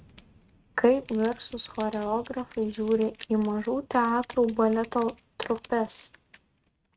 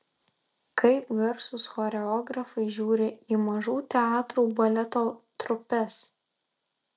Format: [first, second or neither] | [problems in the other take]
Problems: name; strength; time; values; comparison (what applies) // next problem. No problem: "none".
second | noise reduction (neural mask model RNNoise)